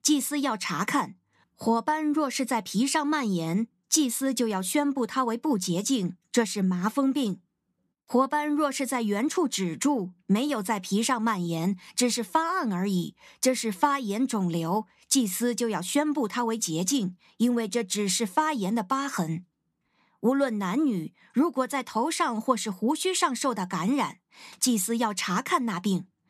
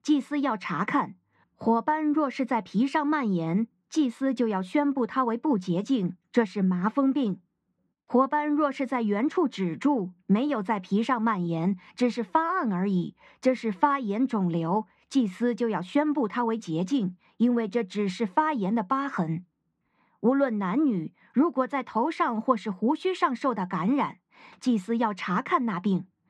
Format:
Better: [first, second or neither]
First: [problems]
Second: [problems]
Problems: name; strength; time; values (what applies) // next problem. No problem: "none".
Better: first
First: none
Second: muffled; very; fading above 2 kHz